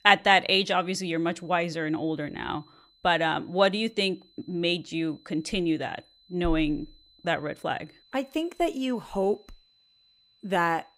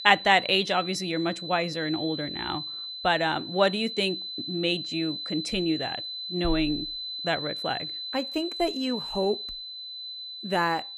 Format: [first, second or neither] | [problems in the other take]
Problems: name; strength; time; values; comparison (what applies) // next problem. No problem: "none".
first | high-pitched whine; loud; throughout; 4 kHz, 6 dB below the speech; faint in the first